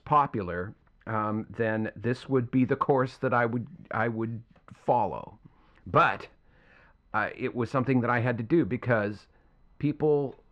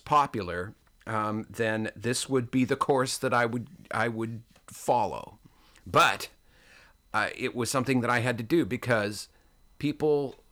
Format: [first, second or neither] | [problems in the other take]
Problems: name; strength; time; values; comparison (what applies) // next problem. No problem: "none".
second | muffled; very; fading above 2 kHz